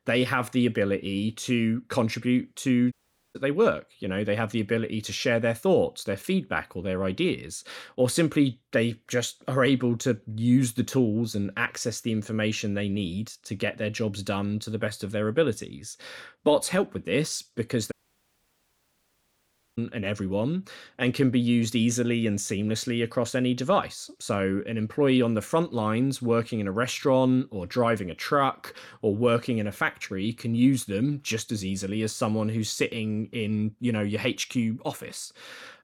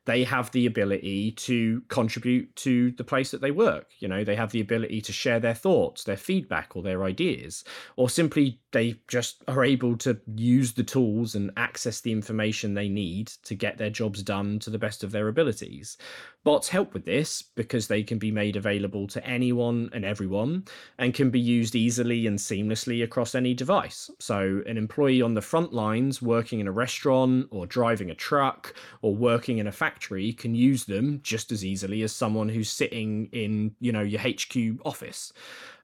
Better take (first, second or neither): second